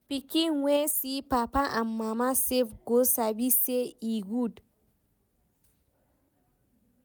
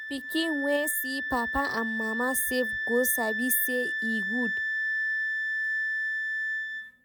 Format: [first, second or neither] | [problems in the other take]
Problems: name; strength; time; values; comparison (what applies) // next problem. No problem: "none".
first | background sound (Wind instrument, woodwind instrument); 1 dB above the speech